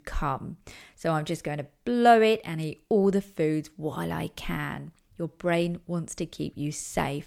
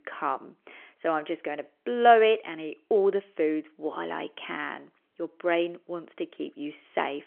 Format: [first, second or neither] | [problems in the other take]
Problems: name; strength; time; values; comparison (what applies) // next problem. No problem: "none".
first | phone-call audio; nothing above 3 kHz